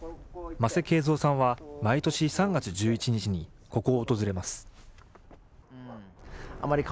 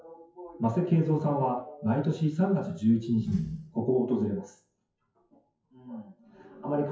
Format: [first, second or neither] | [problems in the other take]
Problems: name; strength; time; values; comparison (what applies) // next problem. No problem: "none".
first | noise reduction (classical method WPE with log-MMSE)